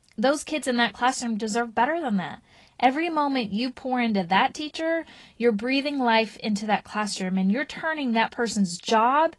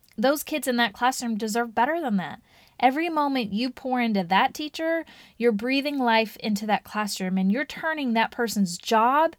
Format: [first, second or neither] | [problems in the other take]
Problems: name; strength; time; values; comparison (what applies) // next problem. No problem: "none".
second | garbled, watery; slightly; nothing above 10.5 kHz